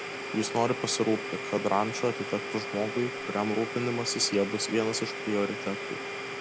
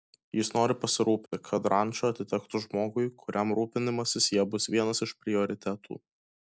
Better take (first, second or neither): second